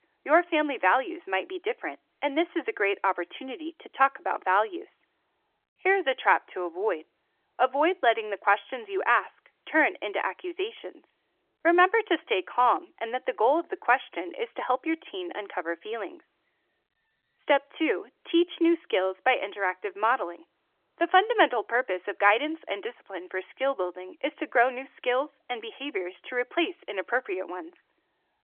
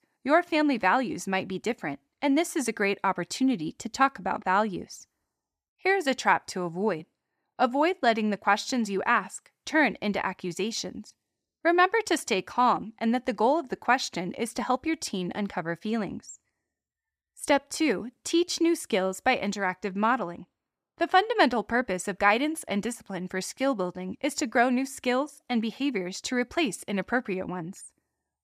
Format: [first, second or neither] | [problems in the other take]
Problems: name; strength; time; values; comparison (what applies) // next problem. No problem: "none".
second | phone-call audio; nothing above 3.5 kHz